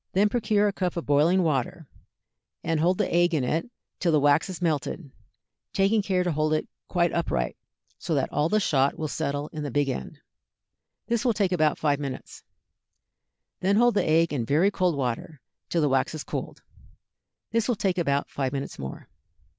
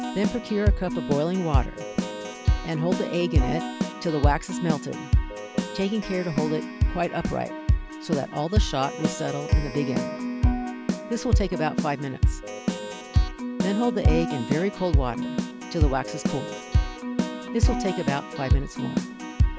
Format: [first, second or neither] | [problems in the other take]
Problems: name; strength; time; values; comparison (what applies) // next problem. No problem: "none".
first | background sound (Keyboard (musical)); 3 dB above the speech